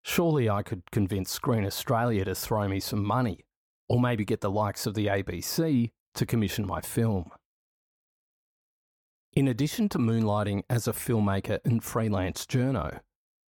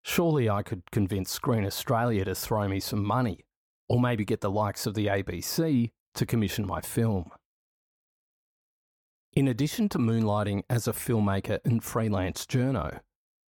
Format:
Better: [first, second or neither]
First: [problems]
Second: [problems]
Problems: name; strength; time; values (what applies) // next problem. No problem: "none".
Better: neither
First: none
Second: none